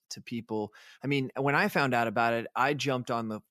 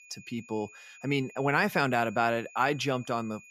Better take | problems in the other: first | high-pitched whine; faint; throughout; 2.5 kHz, 20 dB below the speech

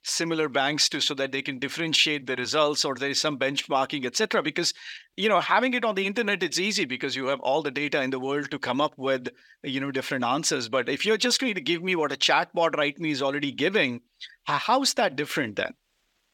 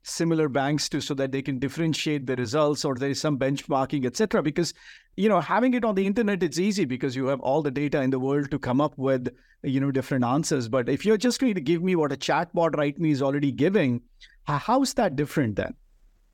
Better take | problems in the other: second | thin; very slightly; fading below 550 Hz

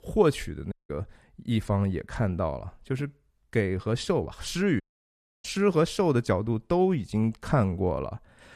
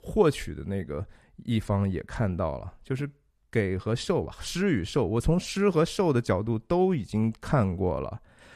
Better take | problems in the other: second | audio cutting out; at 0.5 s and at 5 s for 0.5 s

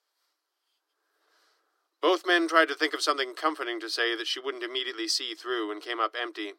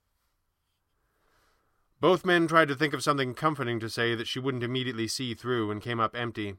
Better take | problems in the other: second | thin; very; fading below 300 Hz

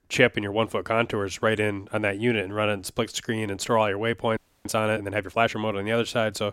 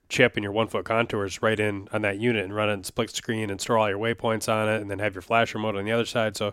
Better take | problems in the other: second | audio freezing; at 4.5 s

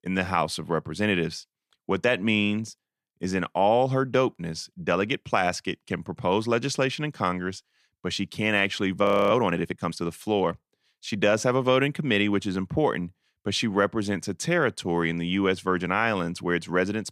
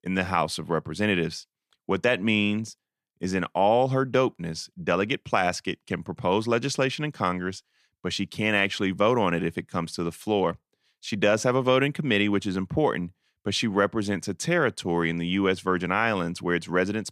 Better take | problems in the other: second | audio freezing; at 9 s

